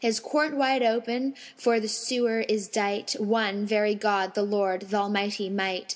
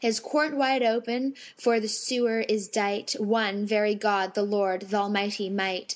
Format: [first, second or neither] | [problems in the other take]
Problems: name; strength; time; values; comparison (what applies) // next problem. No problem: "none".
first | noise reduction (neural mask model Resemble Enhance denoiser)